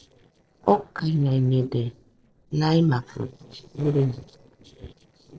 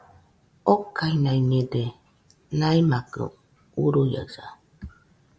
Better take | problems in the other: second | noise reduction (neural separator model SepFormer DNS4)

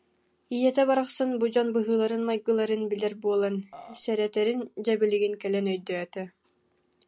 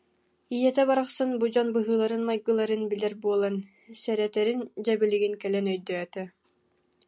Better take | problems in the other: second | background sound (Burping, eructation); 19 dB below the speech

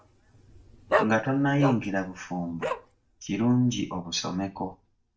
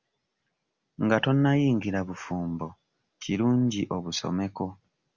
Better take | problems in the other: second | noise reduction (neural mask model DeepFilterNet 3)

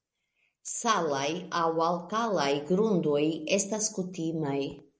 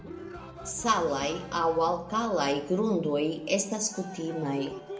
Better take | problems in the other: first | background sound (Cheering); 15 dB below the speech // room echo; dies away in 0.6 s

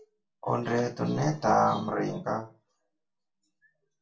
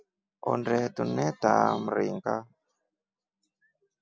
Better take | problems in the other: second | room echo; dies away in 0.2 s

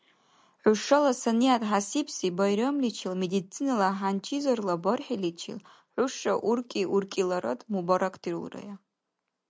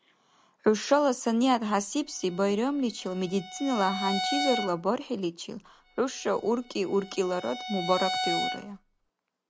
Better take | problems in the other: first | background sound (Bowed string instrument); 7 dB below the speech

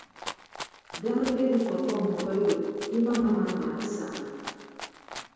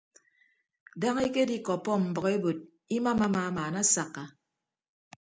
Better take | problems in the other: second | background sound (Rattle (instrument)); 14 dB below the speech // room echo; dies away in 2.2 s

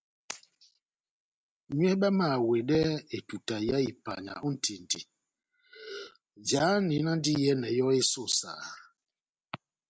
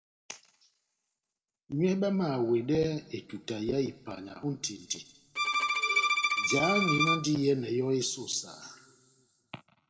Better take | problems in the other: first | background sound (Bowed string instrument); 2 dB above the speech // room echo; dies away in 1.3 s

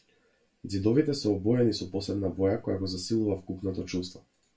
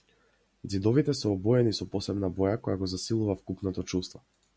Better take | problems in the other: second | room echo; dies away in 0.2 s

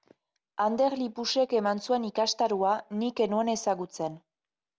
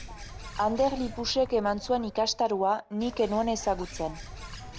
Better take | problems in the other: first | background sound (Bird); 13 dB below the speech

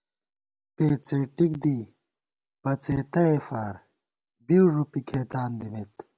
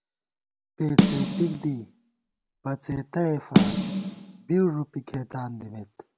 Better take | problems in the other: first | background sound (Snare drum); 3 dB above the speech

